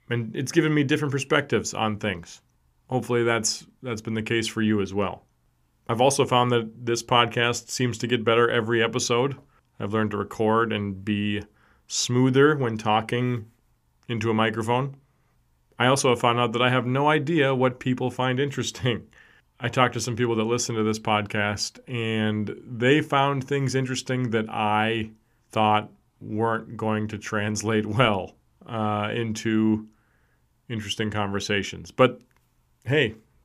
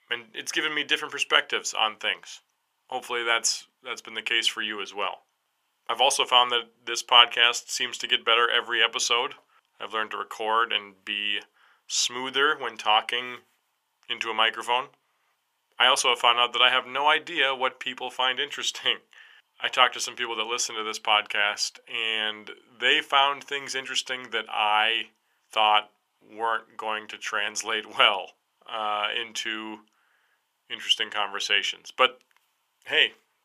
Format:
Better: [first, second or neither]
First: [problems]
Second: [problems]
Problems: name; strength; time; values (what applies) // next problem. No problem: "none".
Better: first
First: none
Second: thin; very; fading below 850 Hz